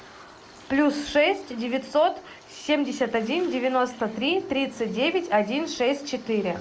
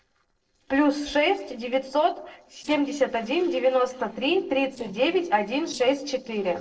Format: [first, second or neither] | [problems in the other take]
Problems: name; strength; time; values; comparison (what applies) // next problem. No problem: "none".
first | noise reduction (neural separator model SepFormer DNS4)